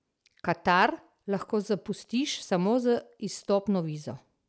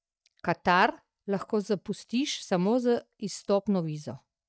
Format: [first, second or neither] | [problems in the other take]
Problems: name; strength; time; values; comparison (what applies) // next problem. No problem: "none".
first | noise reduction (neural mask model DeepFilterNet 3)